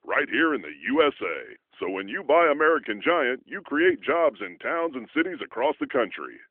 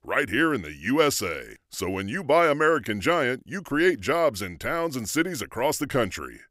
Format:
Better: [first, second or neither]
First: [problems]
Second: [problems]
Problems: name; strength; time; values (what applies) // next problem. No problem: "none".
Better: second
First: phone-call audio; nothing above 3 kHz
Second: none